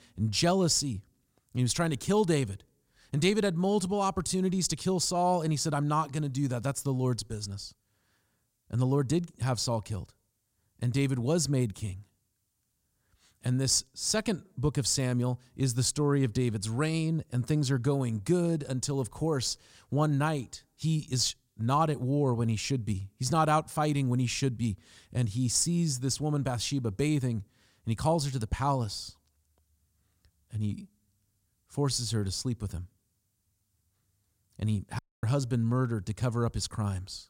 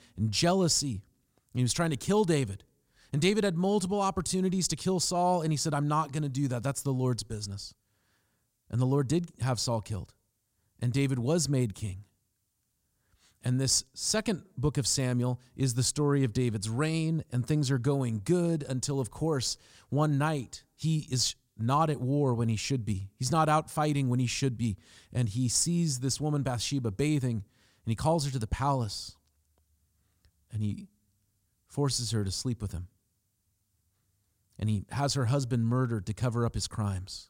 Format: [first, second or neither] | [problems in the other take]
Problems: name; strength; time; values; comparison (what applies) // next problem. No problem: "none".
second | audio cutting out; at 35 s